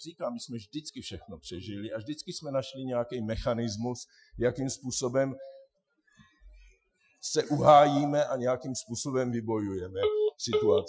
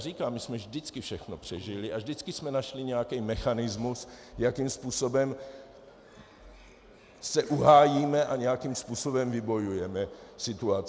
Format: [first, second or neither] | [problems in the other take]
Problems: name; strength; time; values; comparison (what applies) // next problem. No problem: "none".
second | noise reduction (classical method Wiener filter)